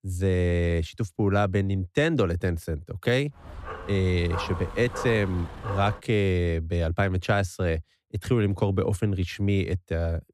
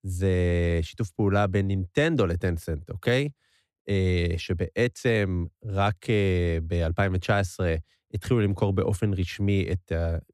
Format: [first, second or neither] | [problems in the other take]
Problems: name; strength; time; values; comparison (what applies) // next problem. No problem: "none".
second | dog barking; noticeable; from 3.5 to 6 s; peak 8 dB below the speech